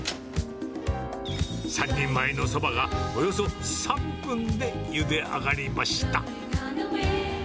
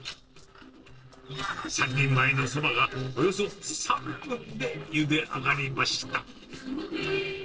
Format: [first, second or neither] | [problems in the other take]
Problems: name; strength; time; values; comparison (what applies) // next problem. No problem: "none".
first | noise reduction (neural separator model SepFormer DNS4)